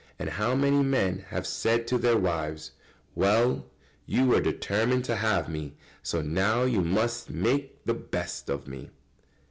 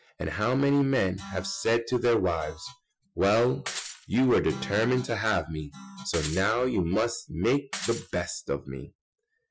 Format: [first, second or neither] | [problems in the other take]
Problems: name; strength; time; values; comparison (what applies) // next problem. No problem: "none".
first | noise reduction (classical method Wiener filter)